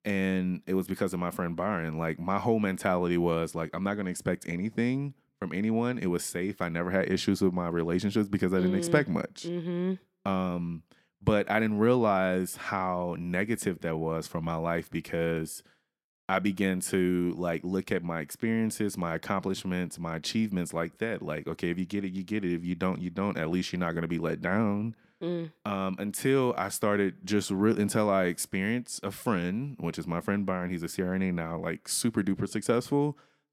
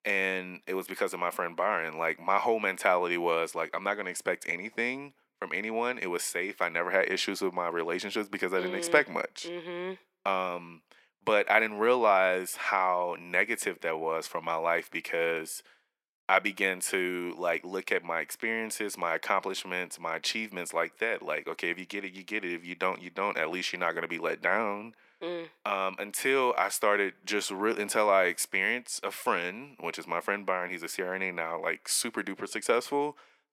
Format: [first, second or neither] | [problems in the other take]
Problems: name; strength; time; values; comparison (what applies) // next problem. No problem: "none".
first | thin; very; fading below 550 Hz